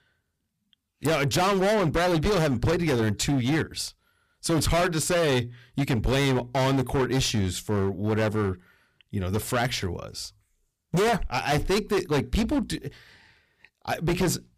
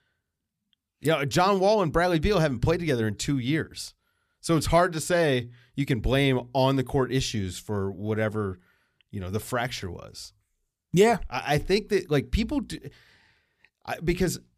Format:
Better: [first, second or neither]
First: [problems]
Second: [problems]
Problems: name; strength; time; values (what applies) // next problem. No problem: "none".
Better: second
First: distortion; heavy; 18% of the sound clipped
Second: none